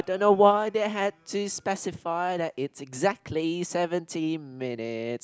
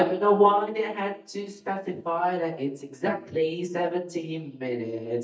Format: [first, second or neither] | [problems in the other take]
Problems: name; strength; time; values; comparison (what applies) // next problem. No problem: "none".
first | noise reduction (neural mask model DeepFilterNet 3)